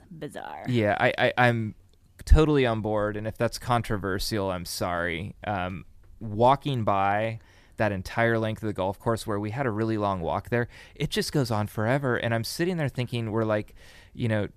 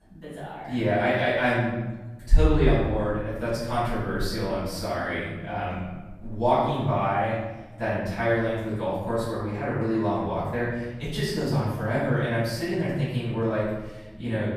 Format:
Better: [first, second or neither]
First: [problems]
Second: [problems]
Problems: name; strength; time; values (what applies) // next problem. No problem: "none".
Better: first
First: none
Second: room echo; strong; dies away in 1.1 s // off-mic speech; far